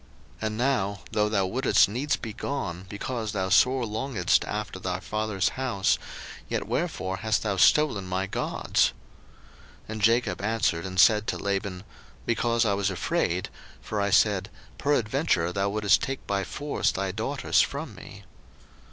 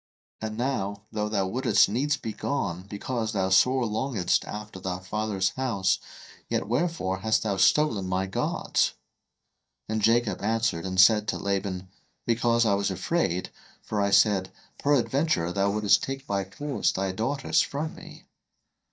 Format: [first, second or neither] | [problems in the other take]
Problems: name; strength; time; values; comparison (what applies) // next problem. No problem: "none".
first | noise reduction (neural mask model DeepFilterNet 3)